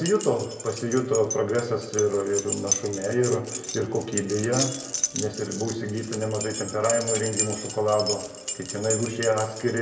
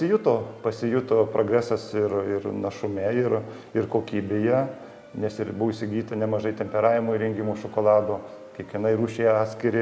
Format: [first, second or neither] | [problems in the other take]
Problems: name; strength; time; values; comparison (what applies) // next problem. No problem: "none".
second | background sound (Keys jangling); 6 dB below the speech // room echo; dies away in 0.6 s